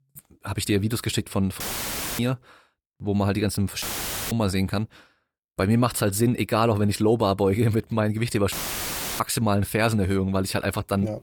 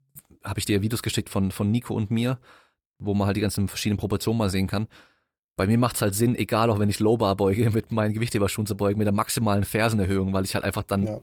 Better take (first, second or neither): second